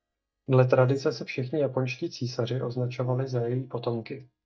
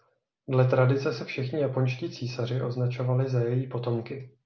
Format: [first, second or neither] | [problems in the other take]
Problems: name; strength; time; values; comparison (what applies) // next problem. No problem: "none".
second | noise reduction (neural mask model DeepFilterNet 3)